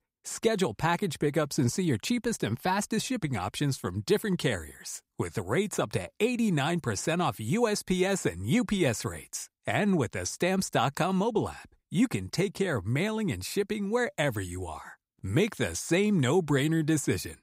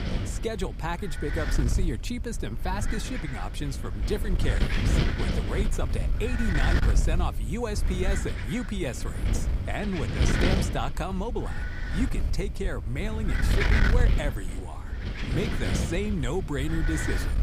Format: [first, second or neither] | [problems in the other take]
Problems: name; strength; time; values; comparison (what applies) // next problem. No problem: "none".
first | wind noise on the microphone; heavy; as loud as the speech